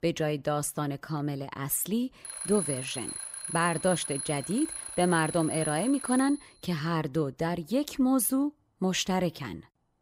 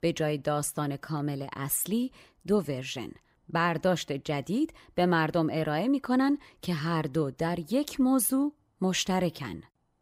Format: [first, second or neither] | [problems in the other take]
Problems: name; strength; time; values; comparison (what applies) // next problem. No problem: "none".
second | alarm; noticeable; from 2 to 6.5 s; peak 3 dB below the speech